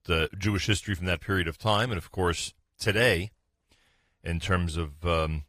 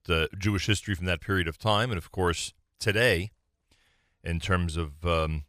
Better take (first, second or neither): second